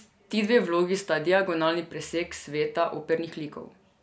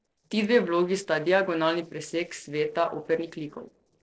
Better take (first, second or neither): first